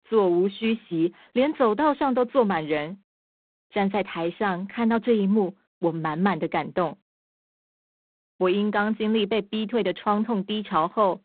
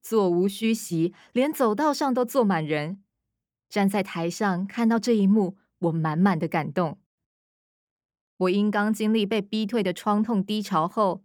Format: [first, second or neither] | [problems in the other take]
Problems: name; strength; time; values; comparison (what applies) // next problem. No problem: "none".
second | phone-call audio; poor line; nothing above 3.5 kHz